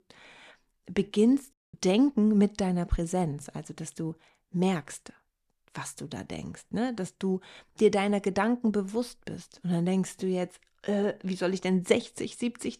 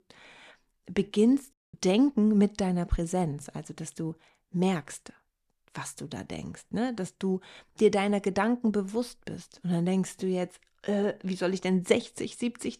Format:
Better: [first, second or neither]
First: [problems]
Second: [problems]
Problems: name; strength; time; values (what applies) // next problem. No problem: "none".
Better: neither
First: audio cutting out; at 1.5 s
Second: audio cutting out; at 1.5 s